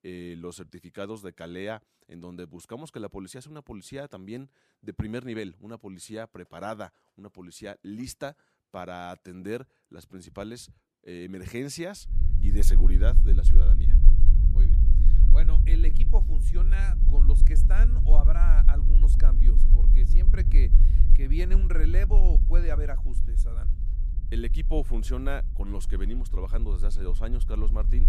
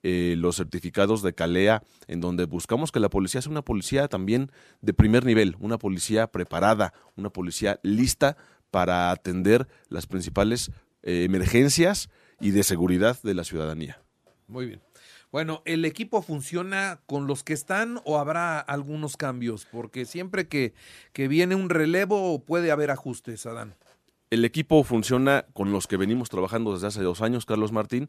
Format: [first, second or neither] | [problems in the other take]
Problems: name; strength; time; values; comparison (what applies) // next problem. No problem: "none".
second | low rumble; loud; from 12 s on; 7 dB below the speech